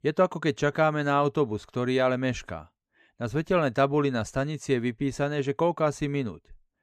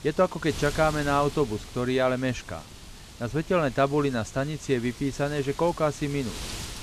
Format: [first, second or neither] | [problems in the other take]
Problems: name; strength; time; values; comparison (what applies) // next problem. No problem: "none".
first | wind noise on the microphone; occasional gusts; 15 dB below the speech